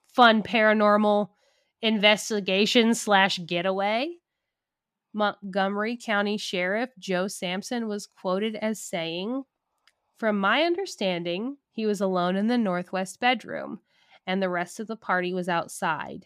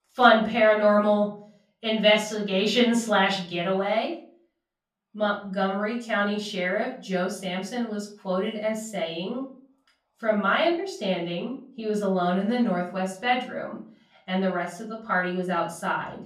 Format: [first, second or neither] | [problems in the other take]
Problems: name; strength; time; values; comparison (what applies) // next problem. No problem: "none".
first | off-mic speech; far // room echo; slight; dies away in 0.4 s